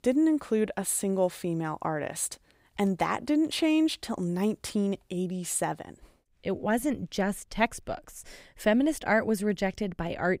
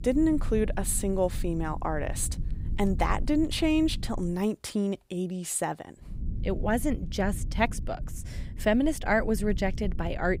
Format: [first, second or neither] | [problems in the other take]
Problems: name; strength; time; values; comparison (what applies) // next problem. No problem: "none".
first | low rumble; faint; until 4.5 s and from 6 s on; 20 dB below the speech